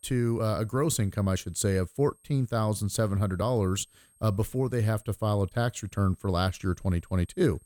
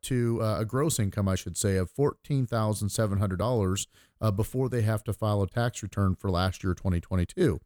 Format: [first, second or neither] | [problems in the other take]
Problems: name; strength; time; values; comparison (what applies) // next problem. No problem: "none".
second | high-pitched whine; faint; throughout; 8.5 kHz, 30 dB below the speech